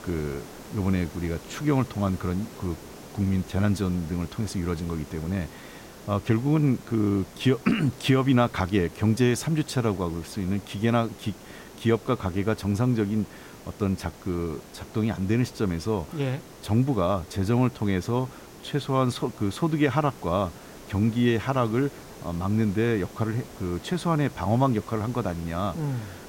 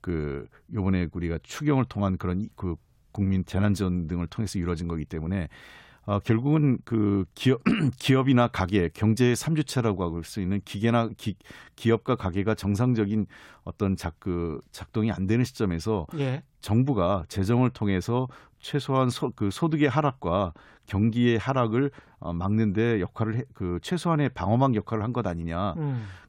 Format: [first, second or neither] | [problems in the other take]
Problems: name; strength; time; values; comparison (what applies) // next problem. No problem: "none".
second | hiss; noticeable; throughout; 20 dB below the speech